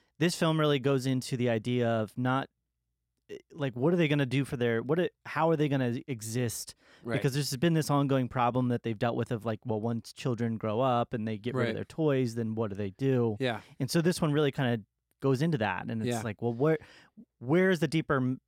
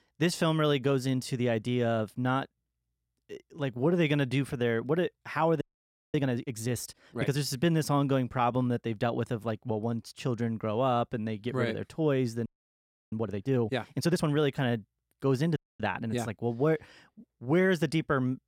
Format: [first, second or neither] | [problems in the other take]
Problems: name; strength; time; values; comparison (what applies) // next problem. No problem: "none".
first | audio freezing; at 5.5 s for 0.5 s, at 12 s for 0.5 s and at 16 s